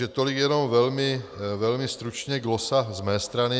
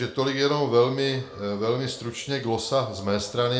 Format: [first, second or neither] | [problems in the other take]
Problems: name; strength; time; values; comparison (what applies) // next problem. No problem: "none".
first | room echo; dies away in 0.4 s